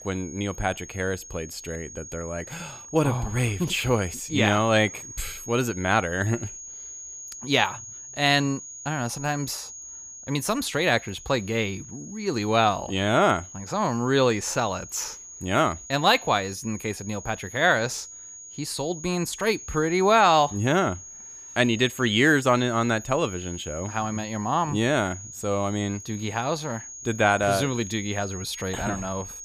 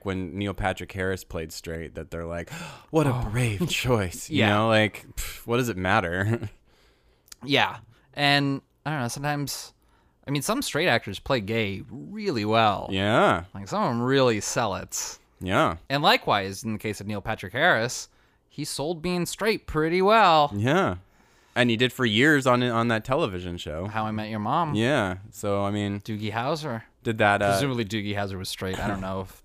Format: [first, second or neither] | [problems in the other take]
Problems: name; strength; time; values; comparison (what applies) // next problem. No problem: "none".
second | high-pitched whine; noticeable; throughout; 6.5 kHz, 15 dB below the speech